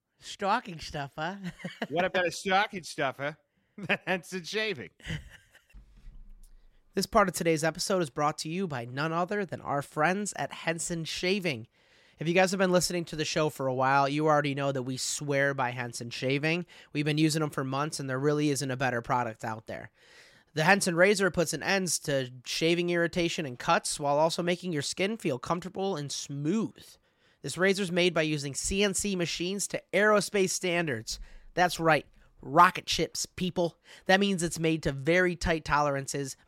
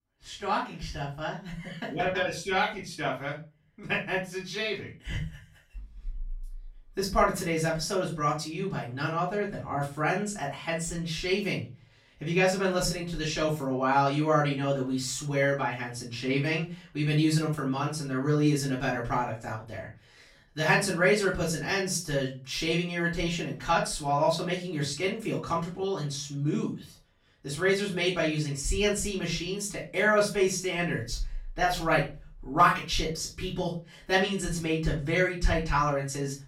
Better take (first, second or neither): first